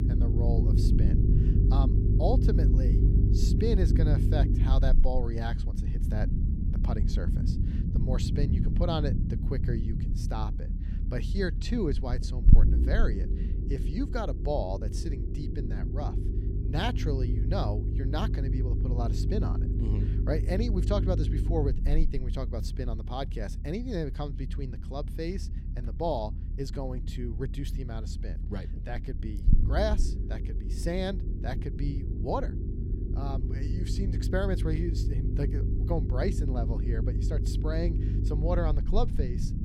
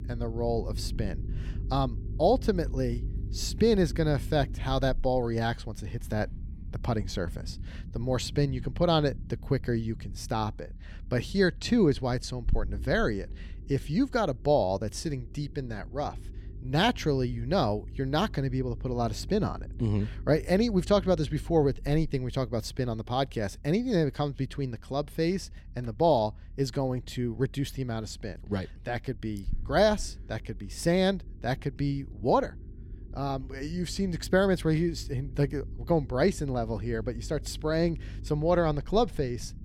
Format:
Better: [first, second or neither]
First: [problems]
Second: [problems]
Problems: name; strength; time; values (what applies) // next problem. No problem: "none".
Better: second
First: low rumble; loud; throughout; 6 dB below the speech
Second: low rumble; faint; throughout; 25 dB below the speech